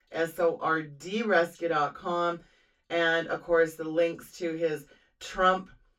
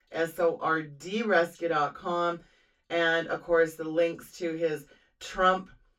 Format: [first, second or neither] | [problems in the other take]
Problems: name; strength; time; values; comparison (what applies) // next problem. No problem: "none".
neither | room echo; very slight; dies away in 0.2 s; the same in both // off-mic speech; far; the same in both